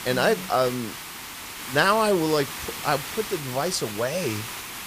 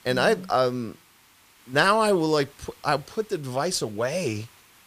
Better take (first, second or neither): second